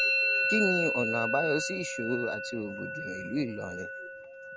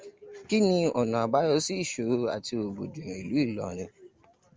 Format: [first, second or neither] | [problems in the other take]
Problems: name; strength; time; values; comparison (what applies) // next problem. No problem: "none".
second | background sound (Musical instrument); 1 dB above the speech